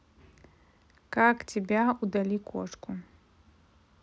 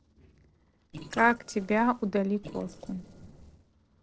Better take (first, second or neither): first